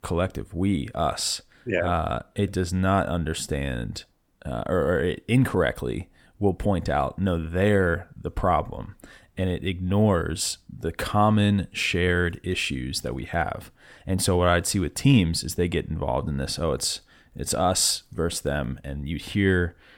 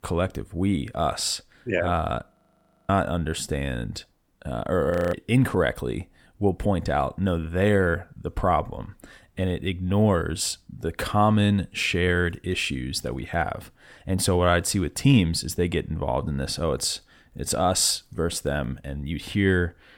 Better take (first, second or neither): first